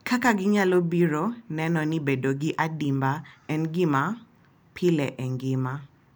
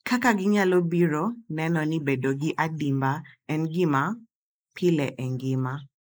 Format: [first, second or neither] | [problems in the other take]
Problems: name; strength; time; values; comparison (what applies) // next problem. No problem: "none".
first | noise reduction (neural mask model Resemble Enhance denoiser)